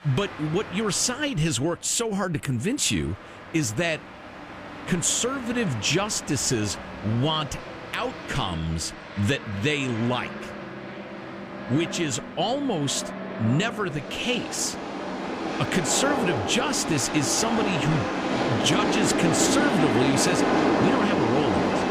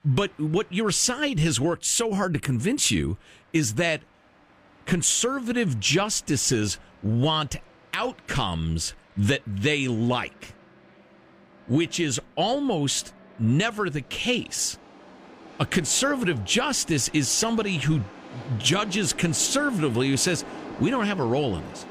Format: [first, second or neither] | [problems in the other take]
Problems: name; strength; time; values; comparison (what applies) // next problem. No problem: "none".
second | train or aircraft noise; loud; throughout; 3 dB below the speech; faint in the second